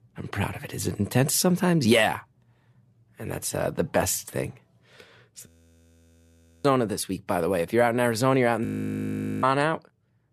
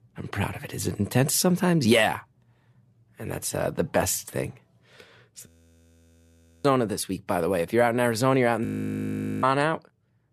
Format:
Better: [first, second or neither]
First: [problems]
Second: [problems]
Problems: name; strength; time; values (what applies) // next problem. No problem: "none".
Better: neither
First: audio freezing; at 5.5 s for 1 s and at 8.5 s for 1 s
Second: audio freezing; at 5.5 s for 1 s and at 8.5 s for 1 s